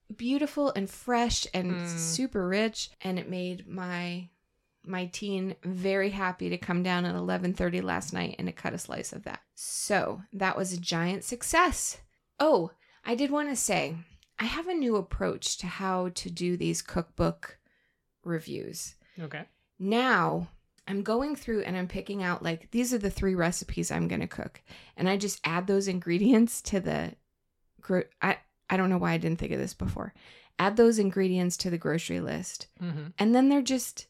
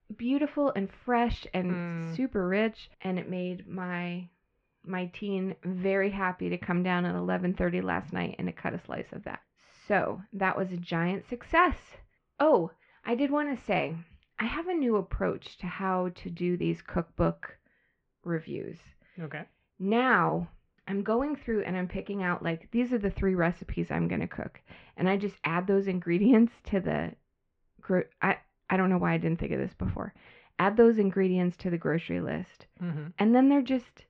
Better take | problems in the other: first | muffled; very; fading above 2.5 kHz

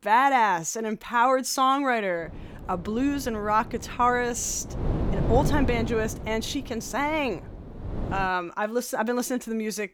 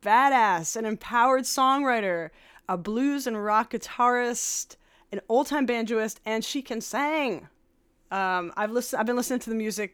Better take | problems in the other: second | wind noise on the microphone; occasional gusts; from 2 to 8.5 s; 15 dB below the speech

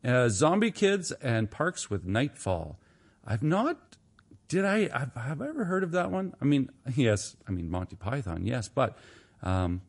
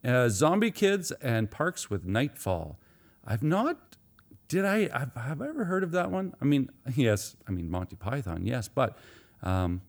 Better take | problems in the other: second | garbled, watery; slightly; nothing above 10.5 kHz

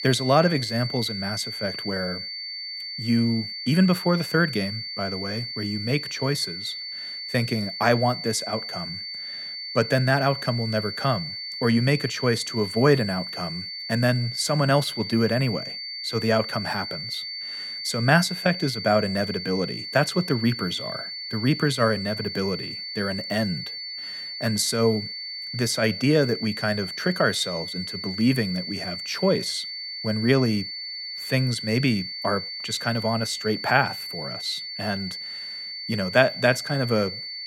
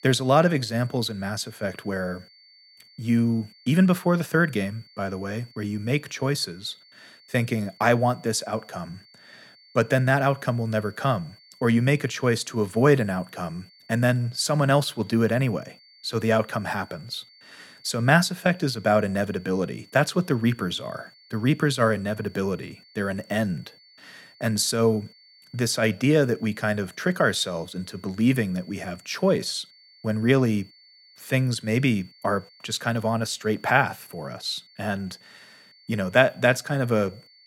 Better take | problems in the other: second | high-pitched whine; loud; throughout; 4.5 kHz, 6 dB below the speech; faint in the second

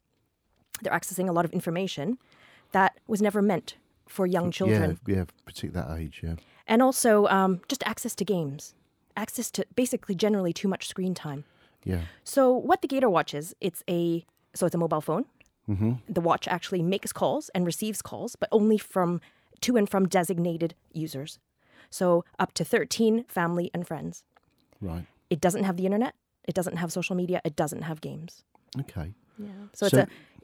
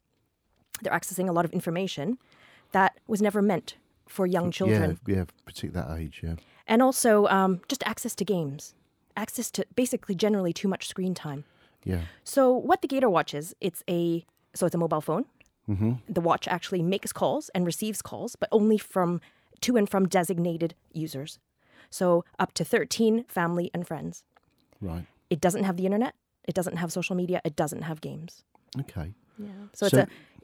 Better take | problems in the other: neither | none

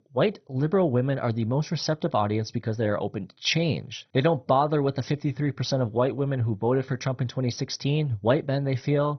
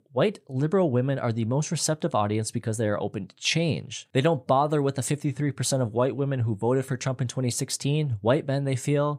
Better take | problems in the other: second | garbled, watery; badly; nothing above 6 kHz

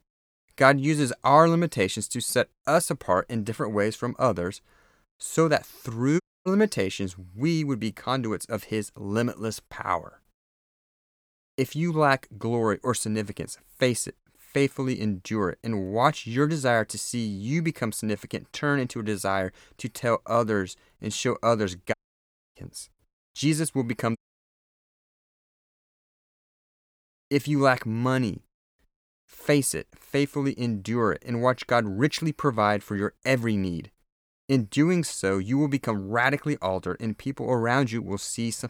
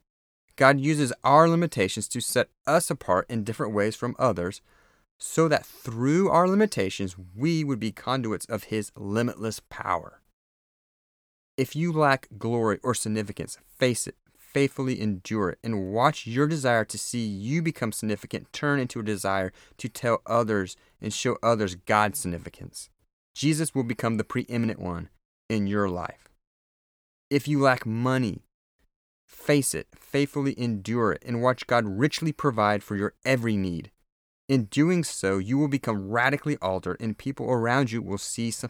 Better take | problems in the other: second | audio cutting out; at 6 s, at 22 s for 0.5 s and at 24 s for 2.5 s

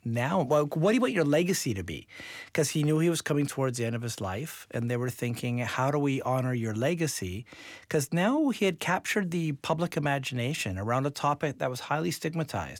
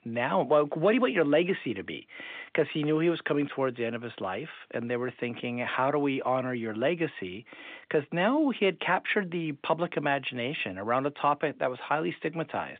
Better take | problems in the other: first | phone-call audio

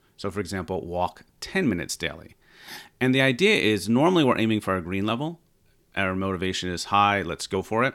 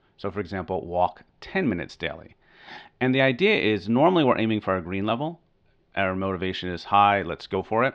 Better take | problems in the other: first | muffled; slightly; fading above 4 kHz

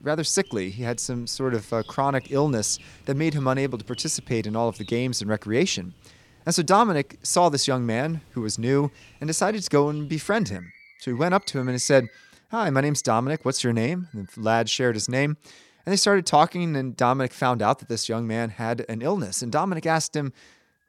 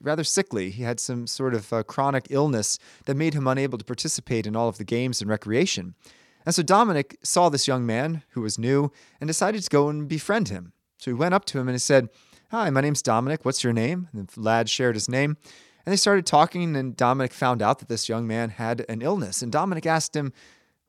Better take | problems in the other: second | animal sounds; faint; throughout; 25 dB below the speech

